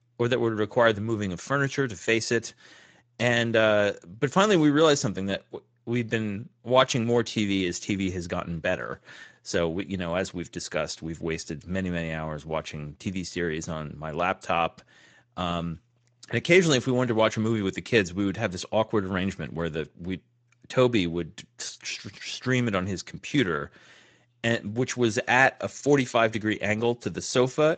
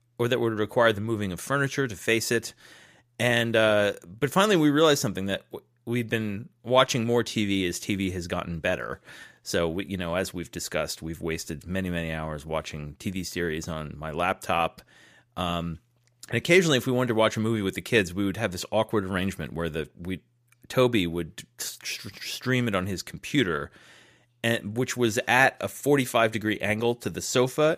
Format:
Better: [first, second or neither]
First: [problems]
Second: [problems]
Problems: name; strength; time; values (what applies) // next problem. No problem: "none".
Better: second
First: garbled, watery; slightly; nothing above 7.5 kHz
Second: none